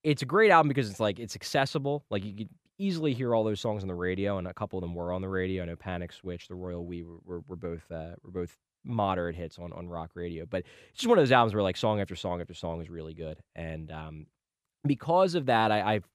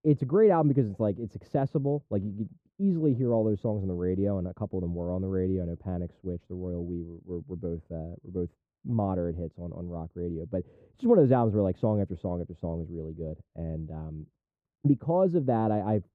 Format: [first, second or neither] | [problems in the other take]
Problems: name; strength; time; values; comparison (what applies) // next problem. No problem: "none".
first | muffled; very; fading above 1 kHz